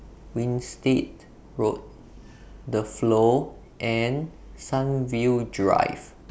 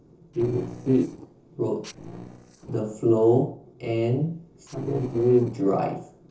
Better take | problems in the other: first | noise reduction (neural separator model SepFormer DNS4)

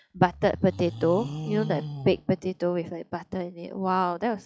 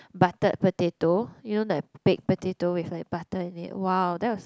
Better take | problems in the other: second | noise reduction (classical method log-MMSE)

